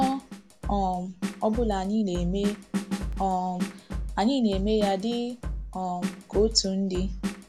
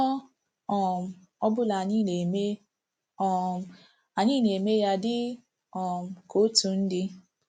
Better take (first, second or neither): second